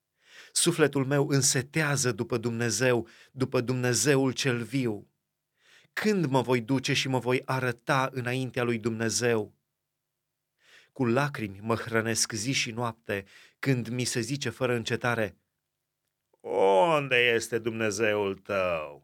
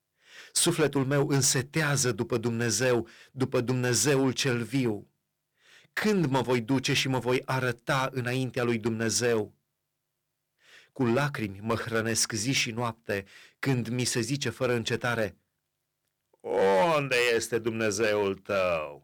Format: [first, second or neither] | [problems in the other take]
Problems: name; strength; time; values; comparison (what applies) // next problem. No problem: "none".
first | distortion; slight; 5% of the sound clipped